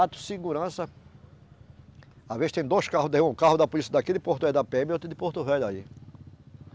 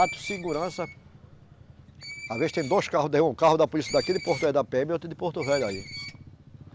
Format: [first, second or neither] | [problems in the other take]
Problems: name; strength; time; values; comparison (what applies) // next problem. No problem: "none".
first | background sound (Screech); 14 dB below the speech